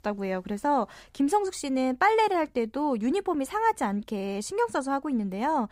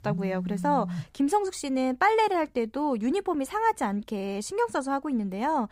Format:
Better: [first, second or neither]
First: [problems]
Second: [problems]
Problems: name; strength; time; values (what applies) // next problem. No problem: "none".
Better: first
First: none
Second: phone ringing; noticeable; until 1 s; peak 5 dB below the speech